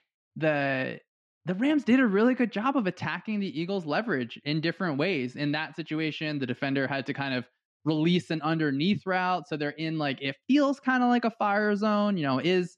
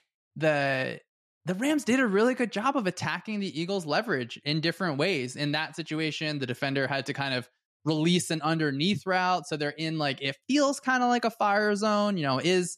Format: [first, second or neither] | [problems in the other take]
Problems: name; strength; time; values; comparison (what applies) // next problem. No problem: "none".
second | muffled; very slightly; fading above 3 kHz